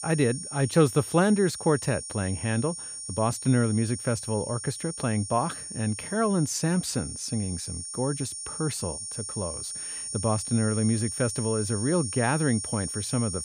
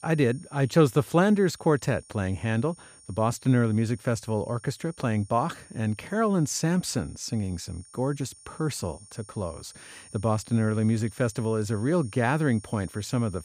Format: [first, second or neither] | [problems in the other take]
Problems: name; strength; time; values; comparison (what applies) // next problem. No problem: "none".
second | high-pitched whine; loud; throughout; 9 kHz, 6 dB below the speech; faint in the second